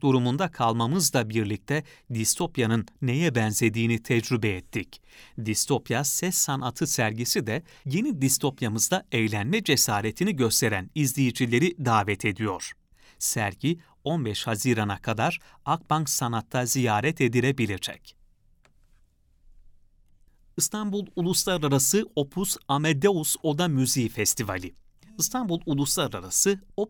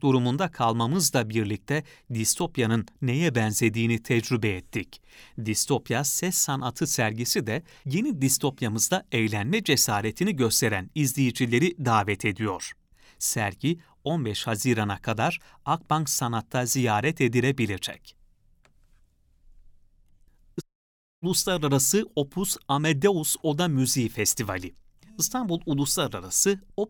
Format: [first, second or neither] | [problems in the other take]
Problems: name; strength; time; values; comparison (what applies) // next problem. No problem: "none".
first | audio cutting out; at 21 s for 0.5 s